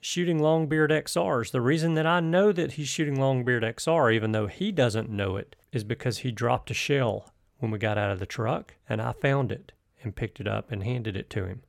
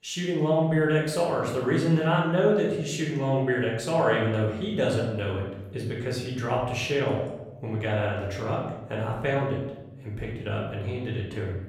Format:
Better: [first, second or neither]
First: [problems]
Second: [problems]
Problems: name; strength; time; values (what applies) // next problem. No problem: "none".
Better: first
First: none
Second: room echo; noticeable; dies away in 0.8 s // off-mic speech; far